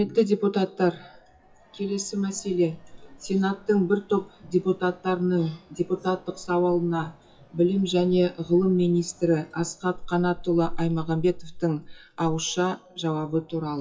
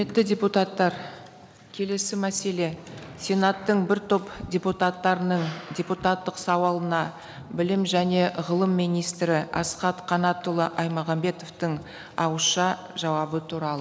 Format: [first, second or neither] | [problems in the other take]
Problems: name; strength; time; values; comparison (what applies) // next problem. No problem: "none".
second | noise reduction (classical method WPE with log-MMSE)